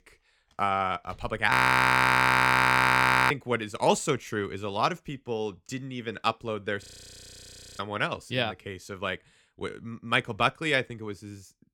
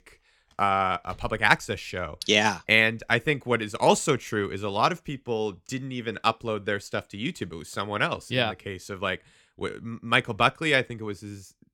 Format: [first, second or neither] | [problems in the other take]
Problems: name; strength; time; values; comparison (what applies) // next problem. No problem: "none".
second | audio freezing; at 1.5 s for 2 s and at 7 s for 1 s